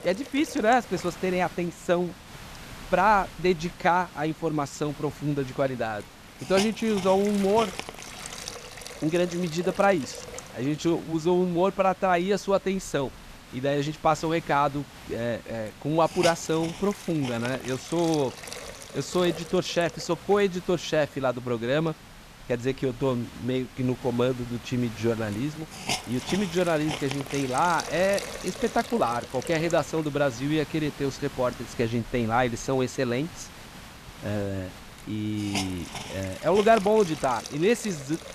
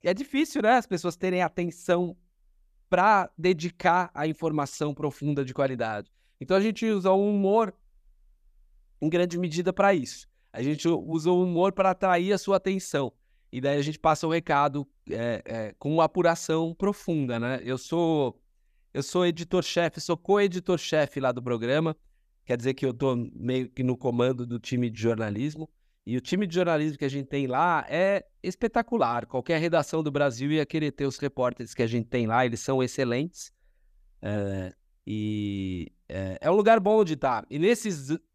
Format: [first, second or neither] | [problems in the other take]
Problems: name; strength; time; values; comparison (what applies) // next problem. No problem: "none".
second | hiss; noticeable; throughout; 10 dB below the speech